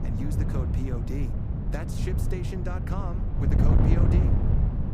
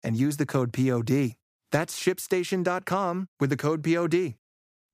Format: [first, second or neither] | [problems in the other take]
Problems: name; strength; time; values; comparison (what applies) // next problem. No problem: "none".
second | wind noise on the microphone; heavy; 2 dB above the speech